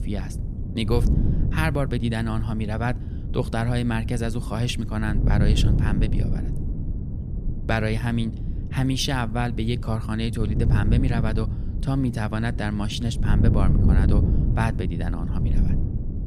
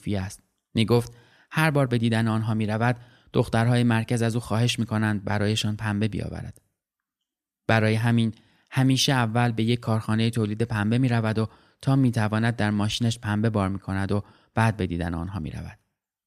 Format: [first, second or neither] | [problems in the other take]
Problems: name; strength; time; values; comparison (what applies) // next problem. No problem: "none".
second | wind noise on the microphone; heavy; 8 dB below the speech